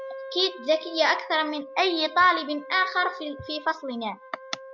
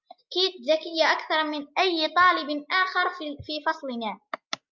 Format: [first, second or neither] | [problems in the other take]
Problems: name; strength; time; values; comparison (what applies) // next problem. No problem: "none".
second | background sound (Wind instrument, woodwind instrument); 16 dB below the speech